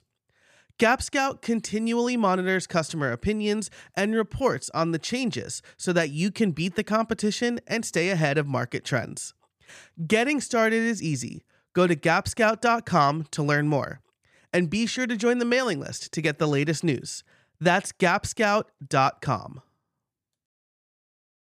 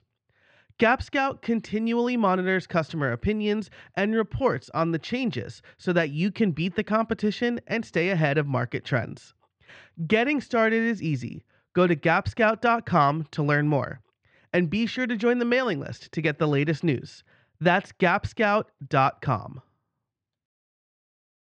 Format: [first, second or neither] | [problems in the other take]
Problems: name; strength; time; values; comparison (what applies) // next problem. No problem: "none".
first | muffled; slightly; fading above 3.5 kHz